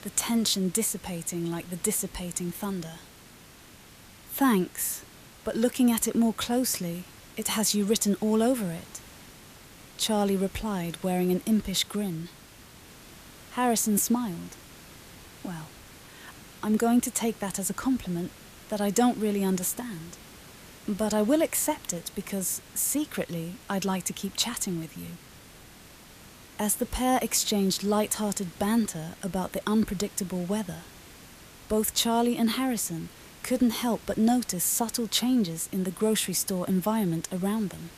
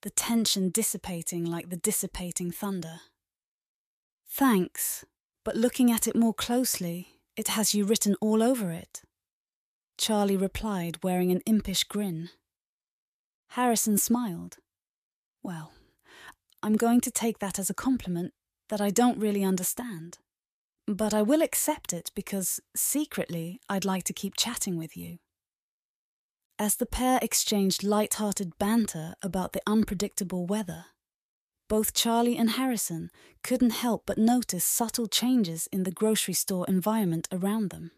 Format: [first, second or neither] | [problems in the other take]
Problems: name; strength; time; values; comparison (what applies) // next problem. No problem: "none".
second | hiss; faint; throughout; 20 dB below the speech